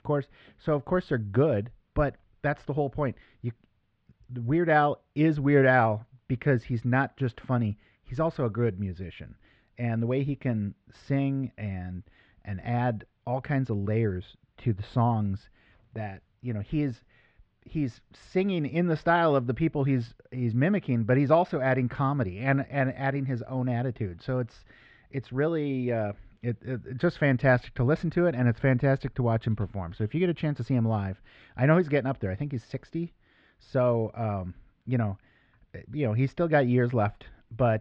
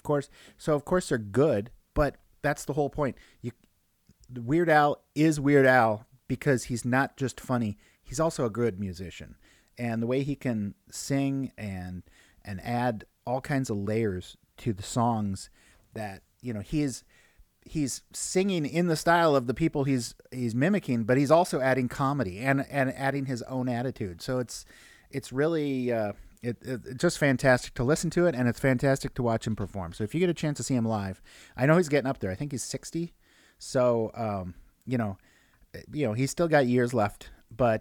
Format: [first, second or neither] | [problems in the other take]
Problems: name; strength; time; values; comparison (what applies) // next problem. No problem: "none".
second | muffled; very; fading above 3.5 kHz